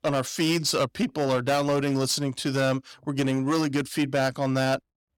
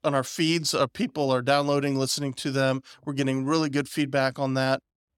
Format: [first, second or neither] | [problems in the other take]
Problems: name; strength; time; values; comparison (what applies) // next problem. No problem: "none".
second | distortion; slight; 10% of the sound clipped